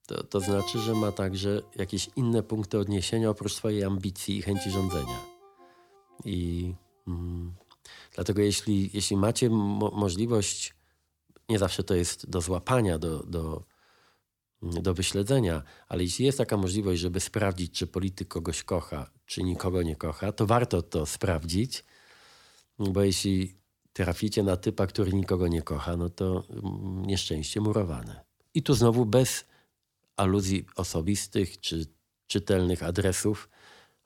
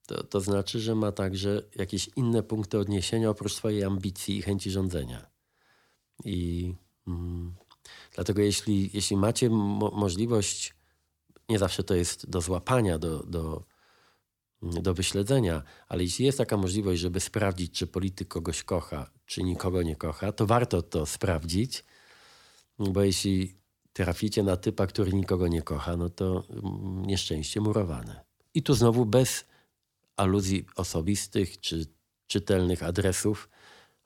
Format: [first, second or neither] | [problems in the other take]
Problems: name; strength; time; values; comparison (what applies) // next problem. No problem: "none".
second | phone ringing; noticeable; until 5.5 s; peak 8 dB below the speech